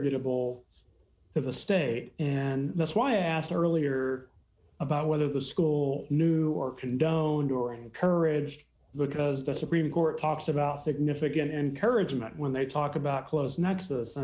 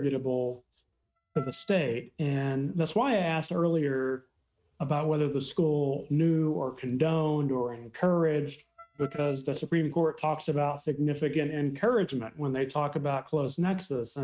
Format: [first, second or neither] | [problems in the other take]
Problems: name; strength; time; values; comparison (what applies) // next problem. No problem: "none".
first | noise reduction (neural mask model RNNoise)